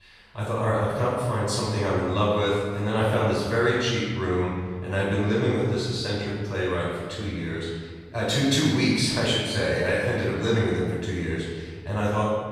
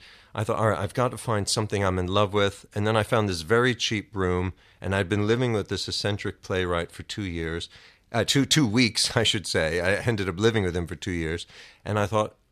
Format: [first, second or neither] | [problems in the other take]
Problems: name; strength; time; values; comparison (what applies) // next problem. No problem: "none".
second | room echo; strong; dies away in 1.6 s // off-mic speech; far